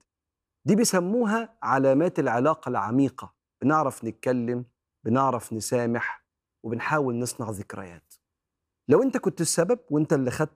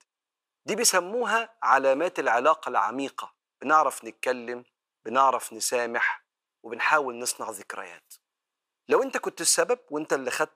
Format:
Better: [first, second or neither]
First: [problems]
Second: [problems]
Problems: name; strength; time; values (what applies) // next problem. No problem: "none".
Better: first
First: none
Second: thin; very; fading below 650 Hz